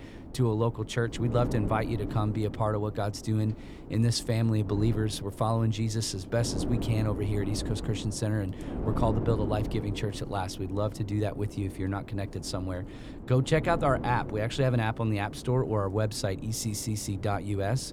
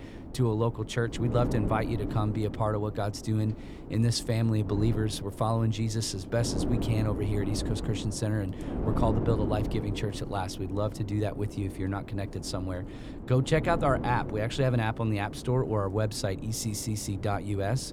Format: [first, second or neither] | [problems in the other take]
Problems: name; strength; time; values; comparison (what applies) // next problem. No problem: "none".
first | wind noise on the microphone; heavy; 9 dB below the speech; occasional gusts in the first